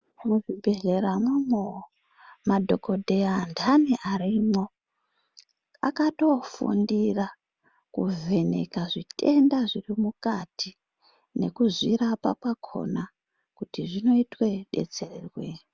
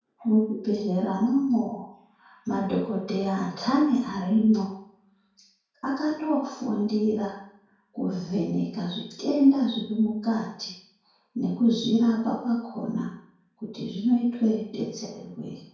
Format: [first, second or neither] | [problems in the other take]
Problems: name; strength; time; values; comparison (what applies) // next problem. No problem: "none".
first | room echo; dies away in 0.5 s